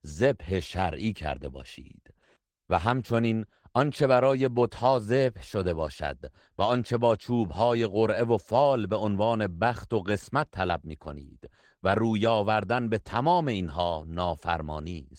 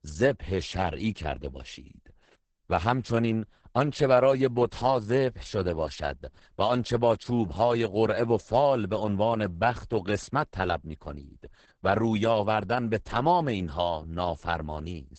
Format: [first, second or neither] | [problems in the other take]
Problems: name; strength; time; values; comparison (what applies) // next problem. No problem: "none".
first | garbled, watery; badly; nothing above 8 kHz; slightly in the first